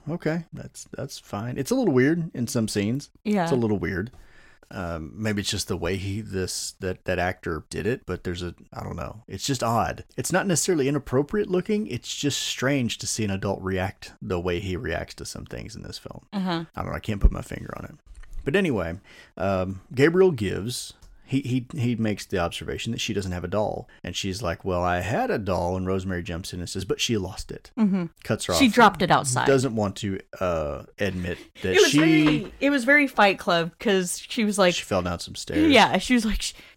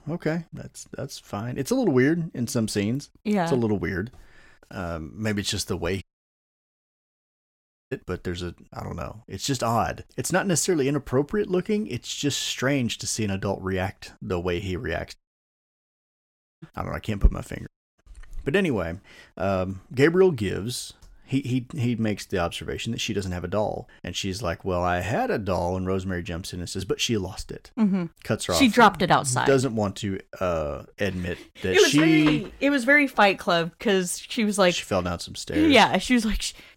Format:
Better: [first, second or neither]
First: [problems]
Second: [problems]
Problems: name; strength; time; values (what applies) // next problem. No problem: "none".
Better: first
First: none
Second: audio cutting out; at 6 s for 2 s, at 15 s for 1.5 s and at 18 s